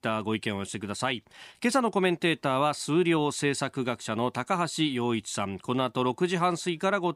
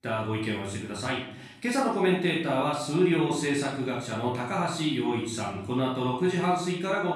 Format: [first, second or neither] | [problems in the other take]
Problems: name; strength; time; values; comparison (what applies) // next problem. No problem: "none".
first | off-mic speech; far // room echo; noticeable; dies away in 0.6 s